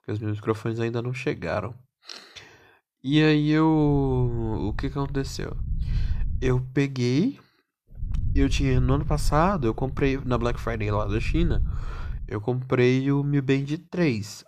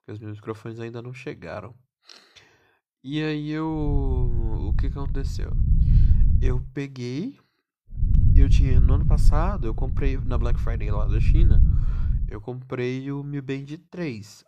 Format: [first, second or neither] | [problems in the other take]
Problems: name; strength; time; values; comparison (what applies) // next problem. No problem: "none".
first | low rumble; loud; from 4 to 6.5 s and from 8 to 12 s; 6 dB below the speech; faint in the first